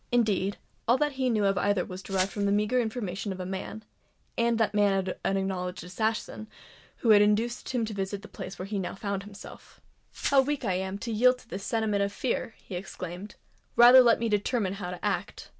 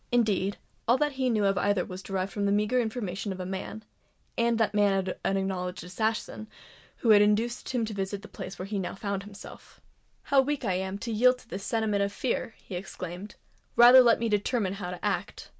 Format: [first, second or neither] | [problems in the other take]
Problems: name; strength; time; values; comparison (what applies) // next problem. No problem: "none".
second | background sound (Glass); 12 dB below the speech